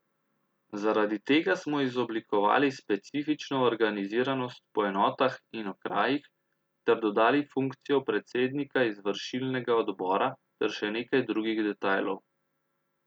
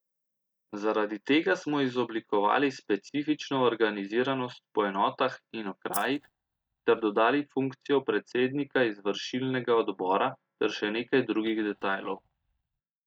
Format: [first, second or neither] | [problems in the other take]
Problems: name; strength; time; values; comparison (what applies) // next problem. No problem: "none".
first | noise reduction (neural mask model DeepFilterNet 3)